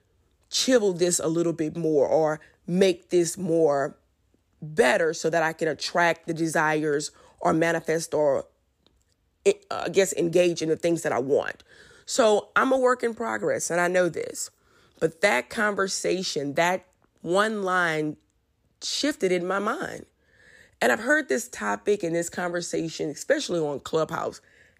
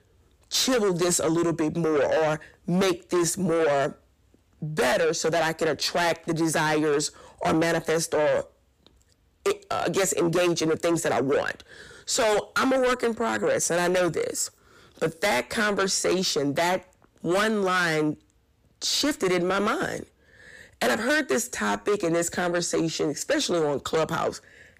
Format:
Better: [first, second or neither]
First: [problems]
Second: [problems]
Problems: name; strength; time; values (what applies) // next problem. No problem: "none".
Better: first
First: none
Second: distortion; heavy; 6 dB below the speech